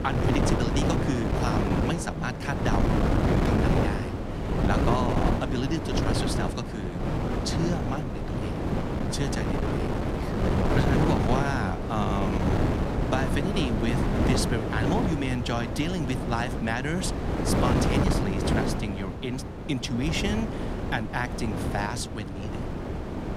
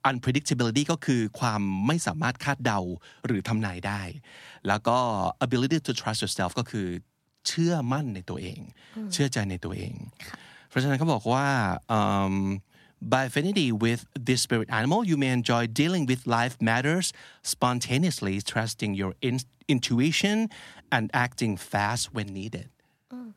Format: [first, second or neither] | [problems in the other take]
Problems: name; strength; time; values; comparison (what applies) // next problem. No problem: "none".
second | wind noise on the microphone; heavy; 1 dB above the speech